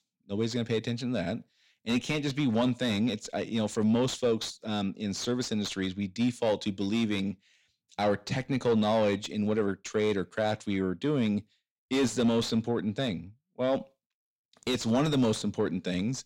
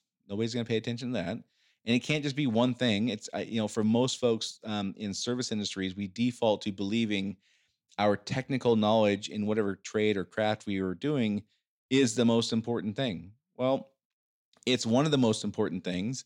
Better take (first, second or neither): second